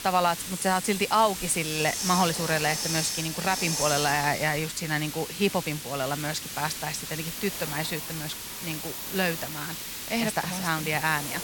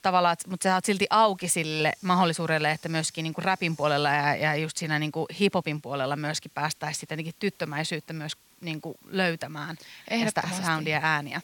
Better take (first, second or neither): second